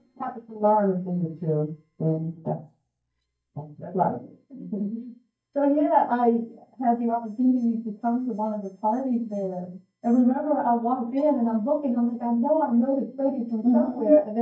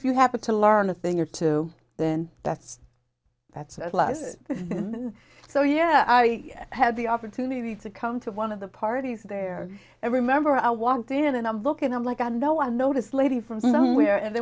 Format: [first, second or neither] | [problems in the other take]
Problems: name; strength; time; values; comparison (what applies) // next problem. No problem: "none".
second | noise reduction (neural mask model DeepFilterNet 3)